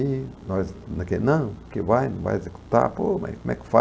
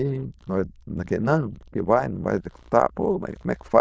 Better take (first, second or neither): first